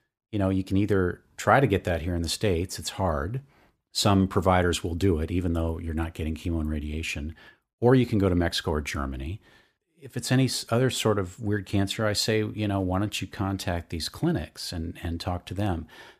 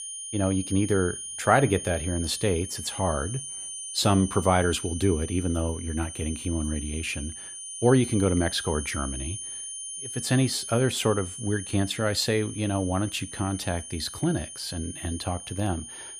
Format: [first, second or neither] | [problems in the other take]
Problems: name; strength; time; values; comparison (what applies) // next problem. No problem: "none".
first | high-pitched whine; loud; throughout; 9.5 kHz, 8 dB below the speech